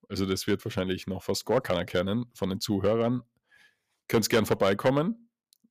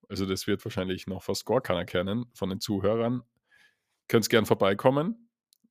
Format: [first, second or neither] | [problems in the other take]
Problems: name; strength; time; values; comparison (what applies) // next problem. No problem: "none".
second | distortion; slight; 2% of the sound clipped